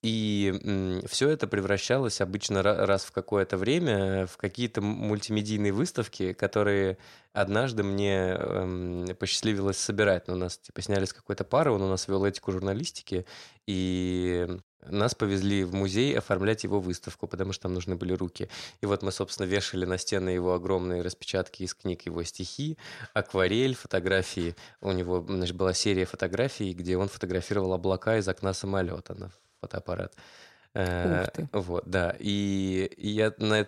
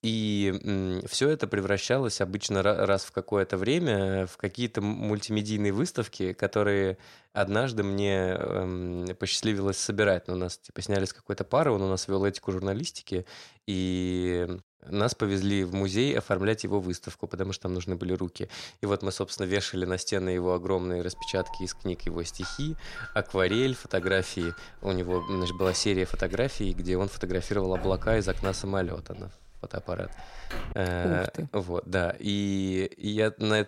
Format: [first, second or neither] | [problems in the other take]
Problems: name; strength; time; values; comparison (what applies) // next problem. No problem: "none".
first | alarm; noticeable; from 21 to 31 s; peak 9 dB below the speech